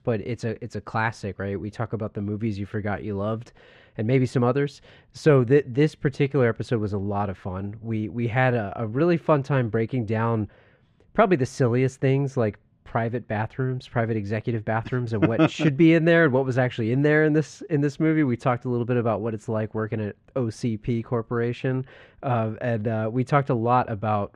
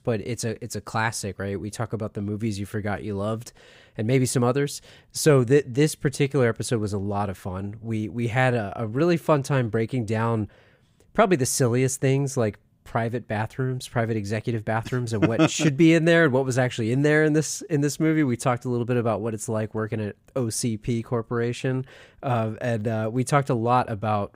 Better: second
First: muffled; slightly; fading above 3 kHz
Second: none

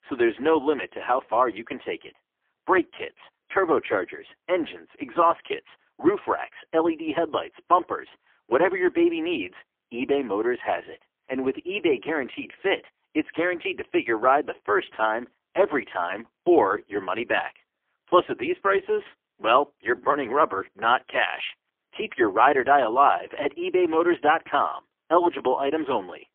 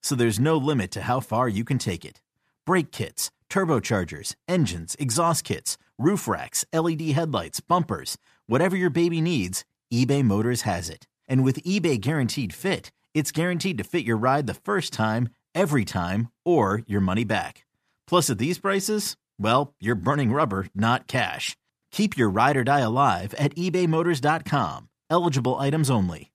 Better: second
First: phone-call audio; poor line; nothing above 3 kHz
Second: none

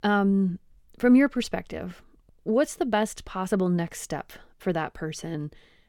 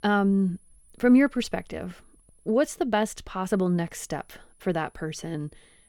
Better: first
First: none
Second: high-pitched whine; faint; until 2.5 s and from 3.5 s on; 10 kHz, 35 dB below the speech

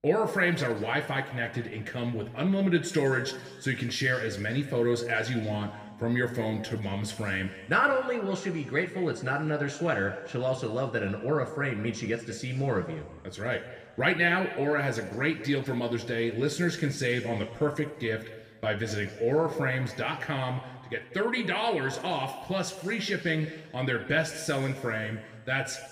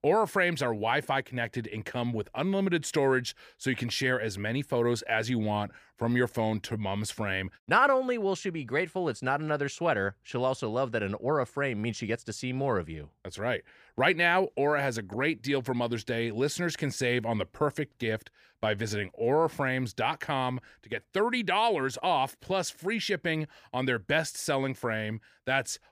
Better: second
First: room echo; noticeable; dies away in 1.4 s // off-mic speech; somewhat distant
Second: none

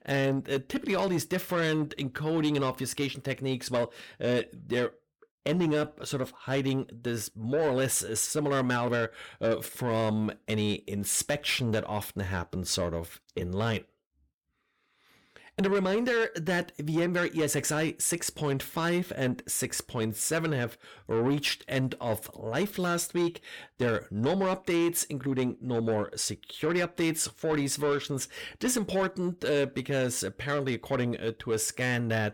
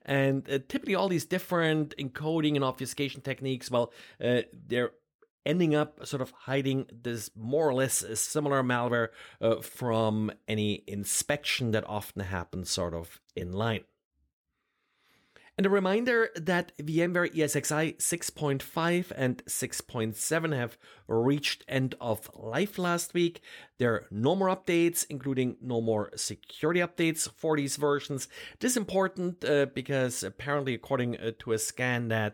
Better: second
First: distortion; slight; 10 dB below the speech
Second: none

